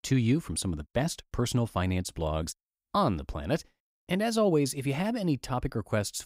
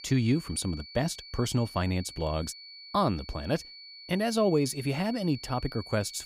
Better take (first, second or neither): first